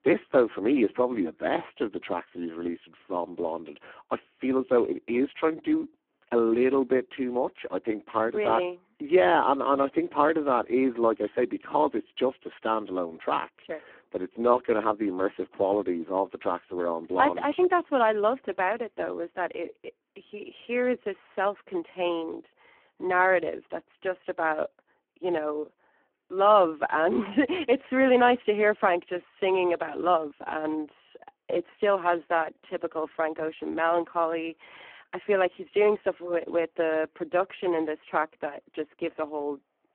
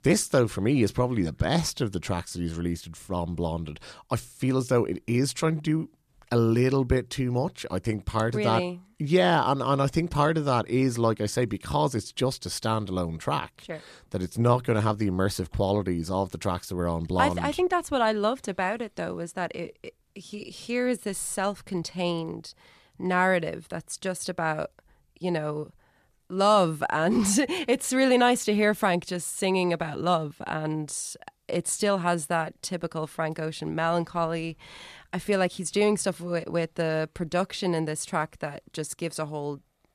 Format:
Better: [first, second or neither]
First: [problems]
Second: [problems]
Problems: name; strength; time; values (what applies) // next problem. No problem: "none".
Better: second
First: phone-call audio; poor line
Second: none